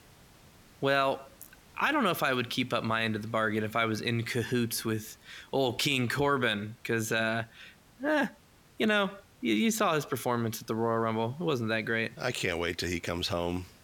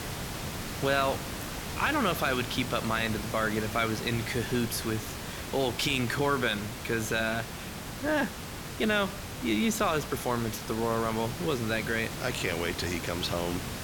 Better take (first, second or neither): first